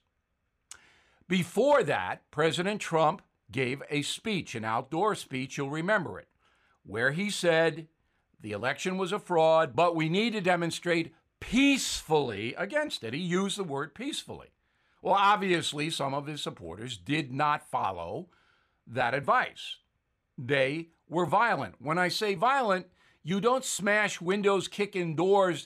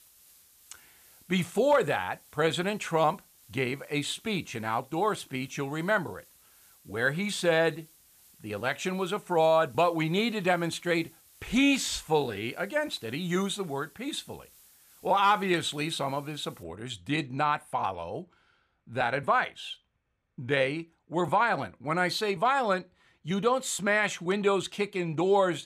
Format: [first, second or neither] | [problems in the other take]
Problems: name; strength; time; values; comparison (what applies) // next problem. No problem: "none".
first | hiss; faint; until 17 s; 25 dB below the speech